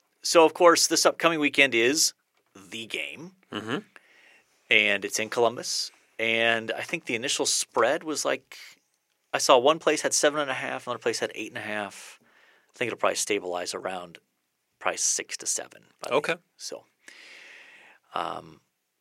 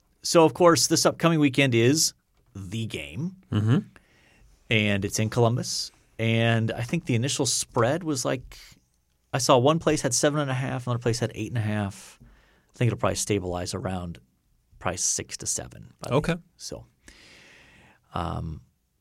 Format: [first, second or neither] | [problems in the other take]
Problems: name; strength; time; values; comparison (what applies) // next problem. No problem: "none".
second | thin; somewhat; fading below 450 Hz